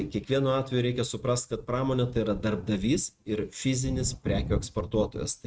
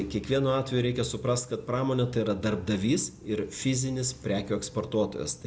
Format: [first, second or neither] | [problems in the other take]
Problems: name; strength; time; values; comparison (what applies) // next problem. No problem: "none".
second | noise reduction (neural mask model RNNoise)